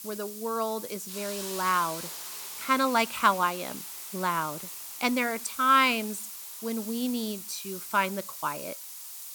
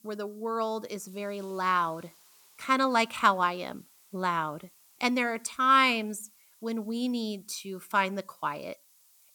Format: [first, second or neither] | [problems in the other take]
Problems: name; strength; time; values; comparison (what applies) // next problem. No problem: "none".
second | hiss; loud; throughout; 9 dB below the speech; faint in the second